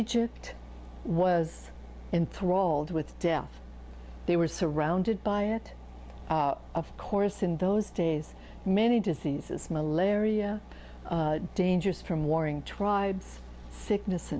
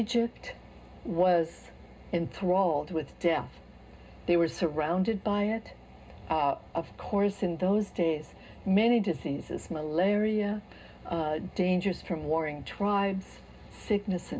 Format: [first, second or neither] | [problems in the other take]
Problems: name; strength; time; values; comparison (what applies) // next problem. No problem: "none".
first | room echo; dies away in 0.2 s